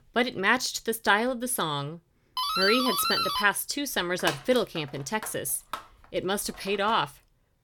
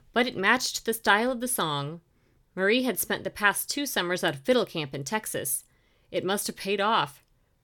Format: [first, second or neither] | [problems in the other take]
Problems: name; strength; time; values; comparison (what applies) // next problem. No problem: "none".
second | doorbell; loud; from 2.5 to 7 s; peak 2 dB above the speech